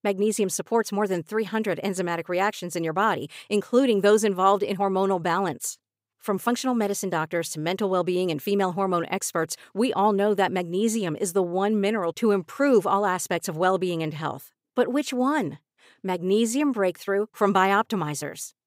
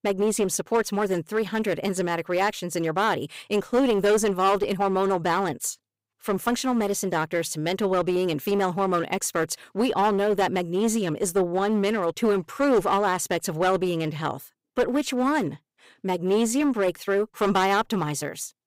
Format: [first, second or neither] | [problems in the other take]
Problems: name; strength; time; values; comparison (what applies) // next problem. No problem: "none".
first | distortion; slight; 8% of the sound clipped